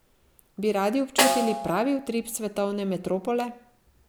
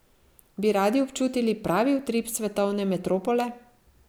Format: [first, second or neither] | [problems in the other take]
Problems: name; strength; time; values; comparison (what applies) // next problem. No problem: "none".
second | background sound (Snare drum); 2 dB below the speech